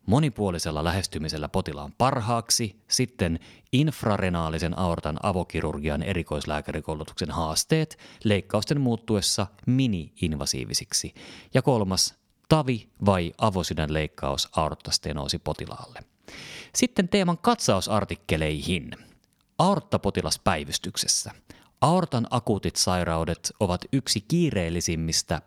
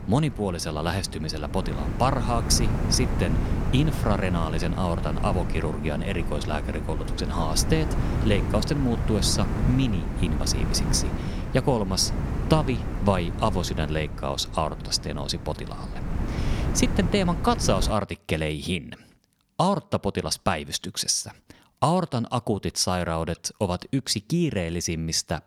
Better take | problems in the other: first | wind noise on the microphone; heavy; until 18 s; 9 dB below the speech

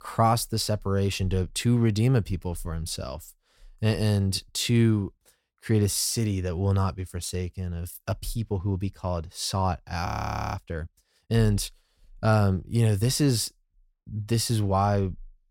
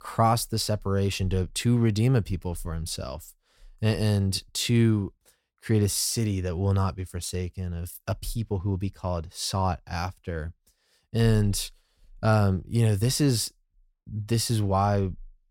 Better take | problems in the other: second | audio freezing; at 10 s

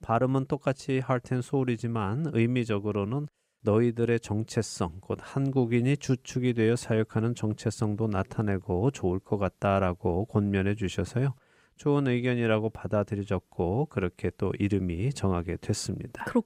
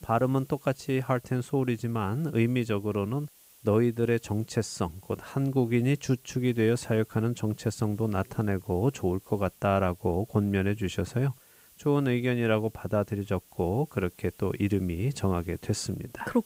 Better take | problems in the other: first | hiss; faint; throughout; 25 dB below the speech

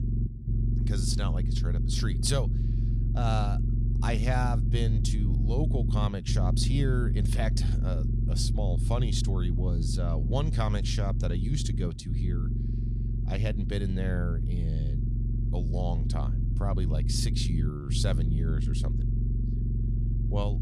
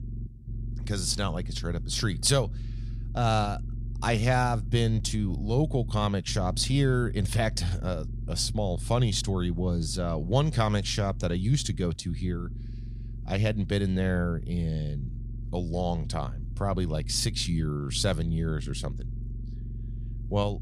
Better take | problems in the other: second | low rumble; loud; throughout; 6 dB below the speech; faint in the second

